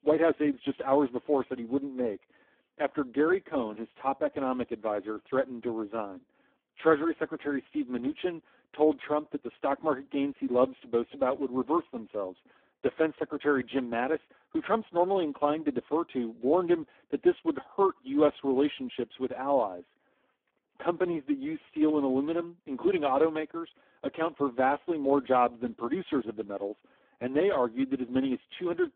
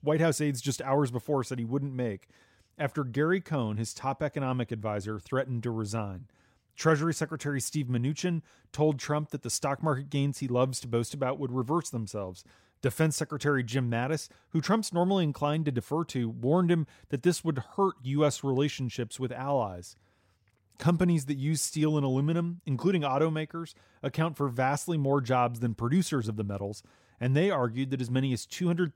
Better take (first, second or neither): second